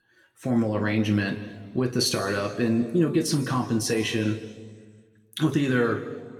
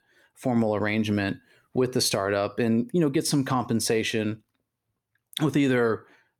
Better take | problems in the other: second | room echo; slight; dies away in 1.4 s

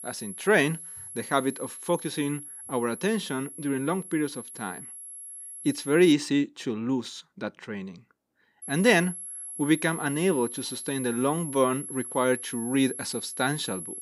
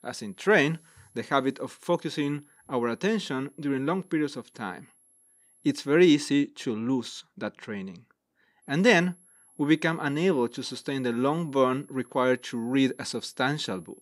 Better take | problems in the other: second | high-pitched whine; loud; until 6 s and from 8.5 s on; 11 kHz, 10 dB below the speech; faint in the second

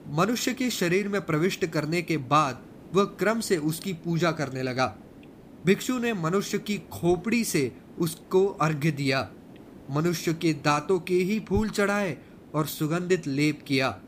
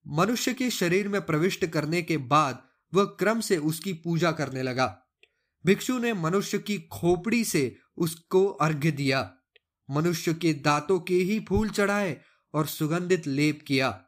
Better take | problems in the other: second | hiss; faint; throughout; 20 dB below the speech

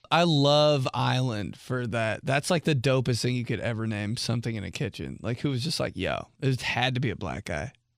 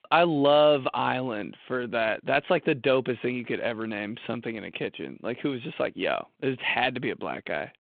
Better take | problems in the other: first | phone-call audio; nothing above 3.5 kHz

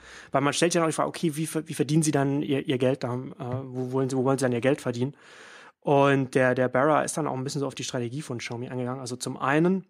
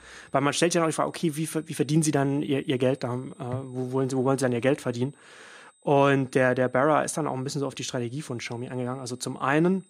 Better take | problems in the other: first | high-pitched whine; faint; throughout; 8 kHz, 35 dB below the speech

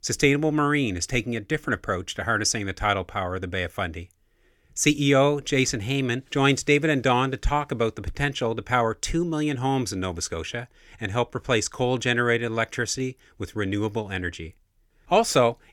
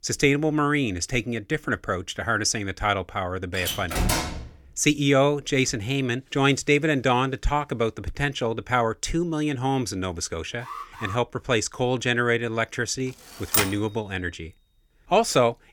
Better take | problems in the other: first | door banging; loud; at 3.5 s; peak level with the speech // alarm; faint; at 11 s; peak 10 dB below the speech // keyboard typing; loud; at 14 s; peak 2 dB above the speech

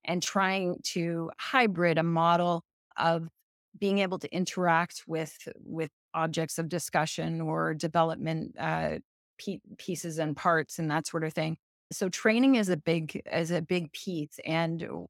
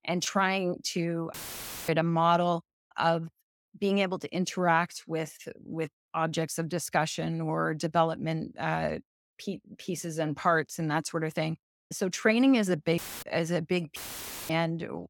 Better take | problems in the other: first | audio cutting out; filled with static; at 1.5 s for 0.5 s, at 13 s and at 14 s for 0.5 s

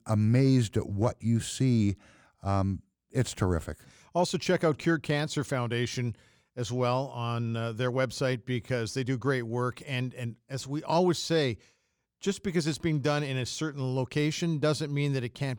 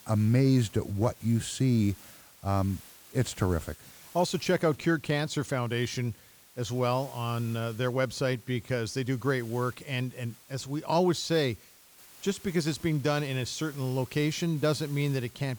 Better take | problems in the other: first | hiss; faint; throughout; 20 dB below the speech

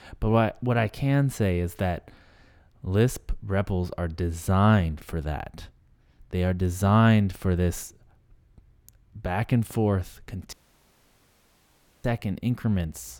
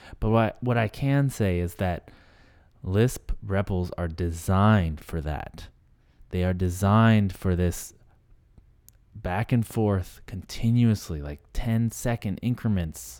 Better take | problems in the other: second | audio cutting out; at 11 s for 1.5 s

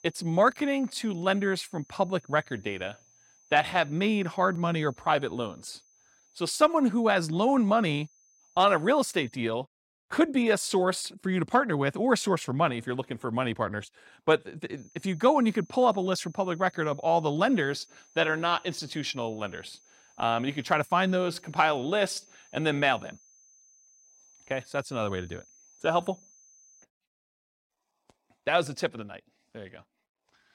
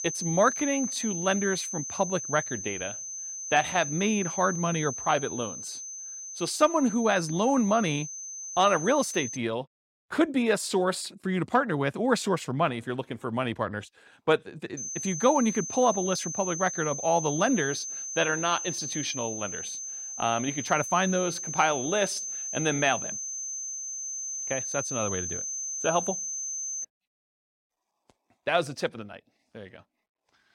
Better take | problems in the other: first | high-pitched whine; loud; until 9.5 s and from 15 to 27 s; 6 kHz, 5 dB below the speech; faint in the first

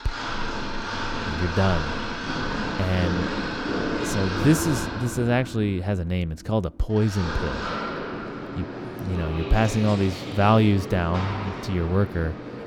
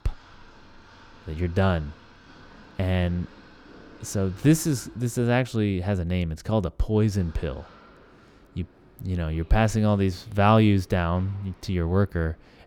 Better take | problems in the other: second | machinery noise; loud; throughout; 5 dB below the speech; faint in the second

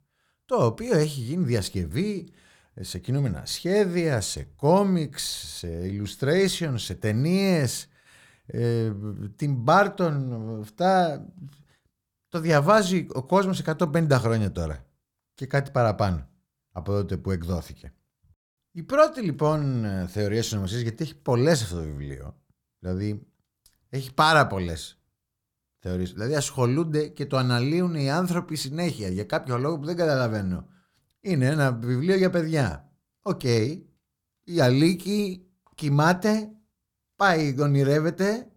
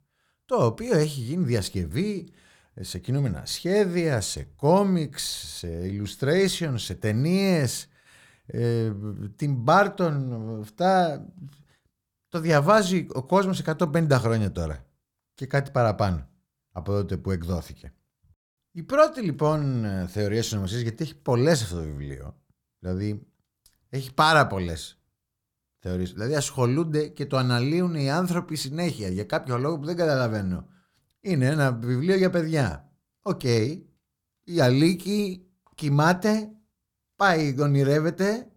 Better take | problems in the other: neither | none

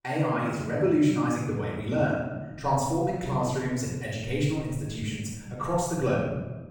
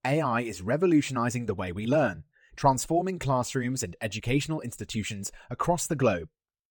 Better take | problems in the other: second | off-mic speech; far // room echo; strong; dies away in 1.3 s

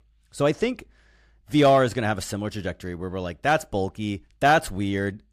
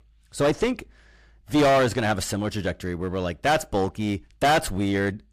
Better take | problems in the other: first | distortion; heavy; 10% of the sound clipped

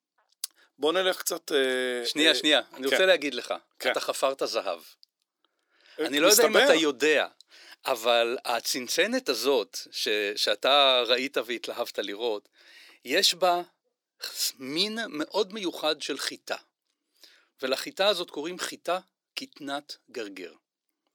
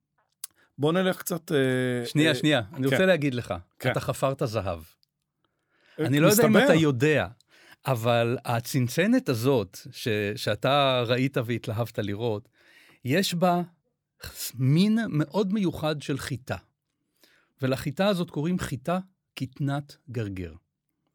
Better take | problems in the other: second | thin; somewhat; fading below 350 Hz

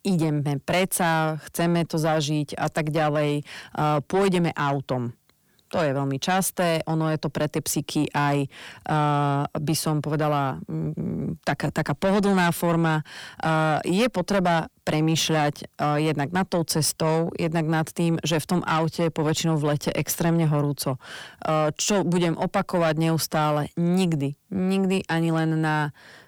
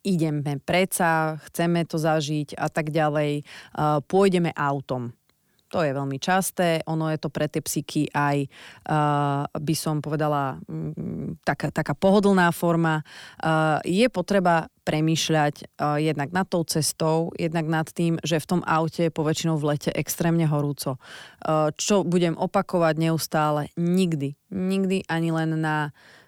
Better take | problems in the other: second | distortion; slight; 10 dB below the speech

